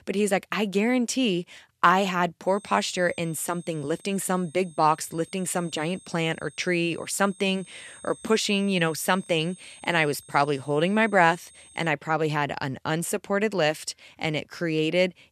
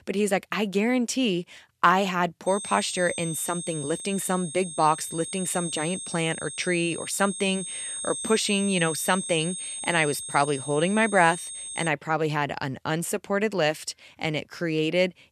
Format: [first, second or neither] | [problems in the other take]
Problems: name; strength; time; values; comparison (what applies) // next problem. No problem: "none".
first | high-pitched whine; loud; from 2.5 to 12 s; 8.5 kHz, 7 dB below the speech; faint in the first